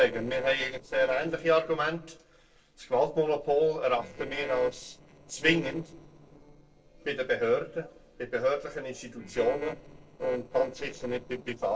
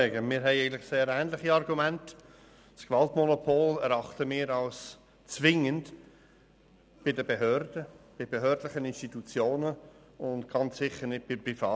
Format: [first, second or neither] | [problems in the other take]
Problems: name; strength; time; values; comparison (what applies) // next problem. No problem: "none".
second | noise reduction (neural separator model SepFormer DNS4)